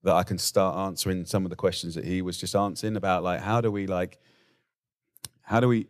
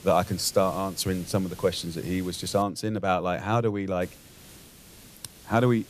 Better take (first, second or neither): first